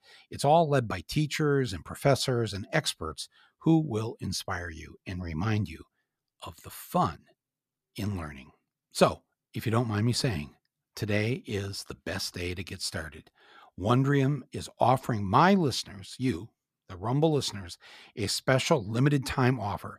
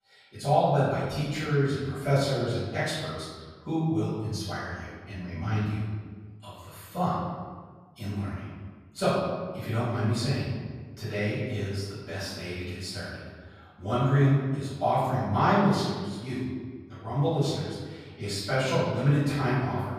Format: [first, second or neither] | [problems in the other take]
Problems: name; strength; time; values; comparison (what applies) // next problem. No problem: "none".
first | room echo; strong; dies away in 1.4 s // off-mic speech; far